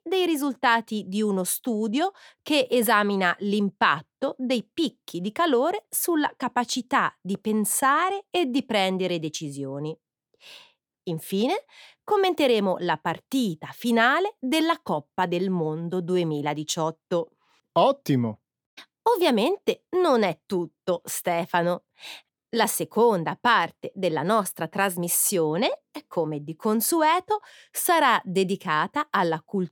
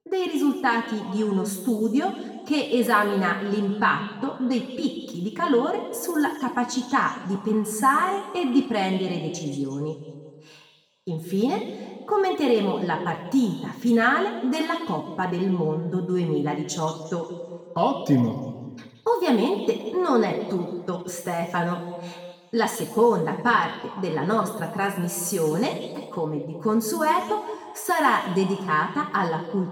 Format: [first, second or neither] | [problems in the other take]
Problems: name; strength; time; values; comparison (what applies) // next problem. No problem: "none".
first | room echo; noticeable; dies away in 1.5 s // off-mic speech; somewhat distant